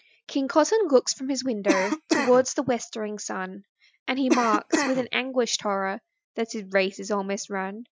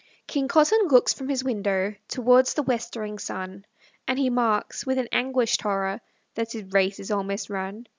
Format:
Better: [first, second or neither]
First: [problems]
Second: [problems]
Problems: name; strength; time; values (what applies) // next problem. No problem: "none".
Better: second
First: noise reduction (classical method Wiener filter)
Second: none